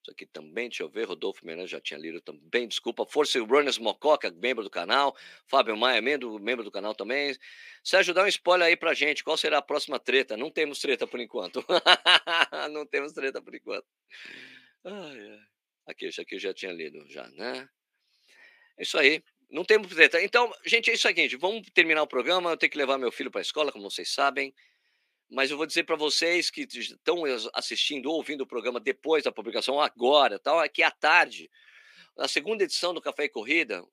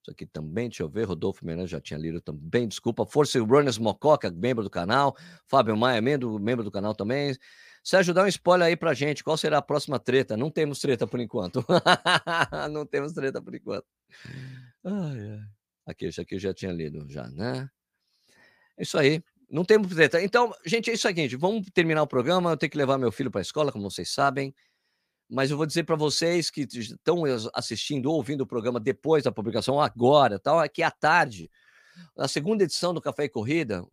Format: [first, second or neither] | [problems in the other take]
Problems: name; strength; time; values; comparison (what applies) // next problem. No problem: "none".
second | thin; somewhat; fading below 300 Hz